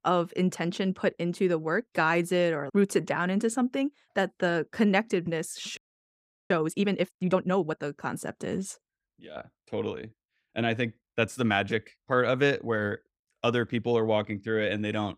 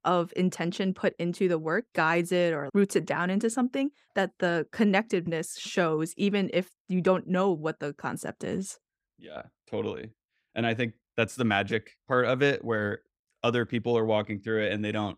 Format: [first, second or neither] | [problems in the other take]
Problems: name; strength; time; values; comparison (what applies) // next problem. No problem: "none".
second | audio freezing; at 6 s for 0.5 s